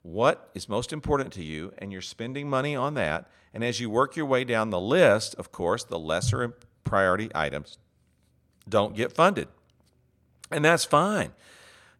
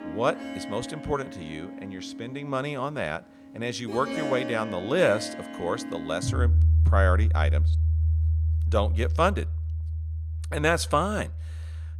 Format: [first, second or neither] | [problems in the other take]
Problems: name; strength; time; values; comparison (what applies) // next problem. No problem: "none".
first | background music; very loud; throughout; 1 dB above the speech